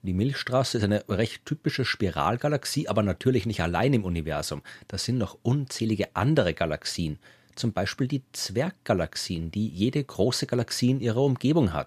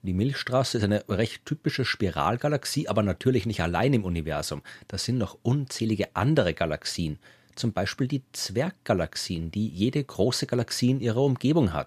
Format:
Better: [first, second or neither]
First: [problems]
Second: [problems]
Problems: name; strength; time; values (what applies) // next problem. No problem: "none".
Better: neither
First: none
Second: none